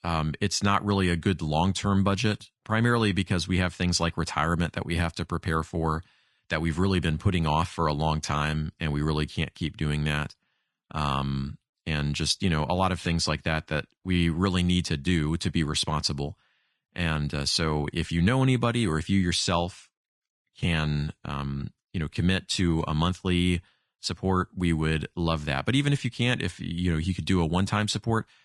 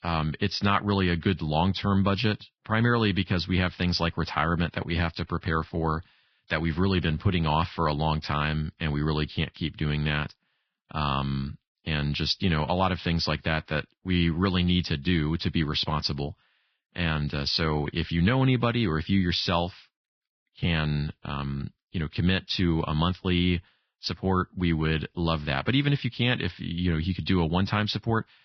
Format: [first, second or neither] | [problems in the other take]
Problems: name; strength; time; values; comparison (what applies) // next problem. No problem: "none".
first | garbled, watery; badly; nothing above 5.5 kHz; slightly in the first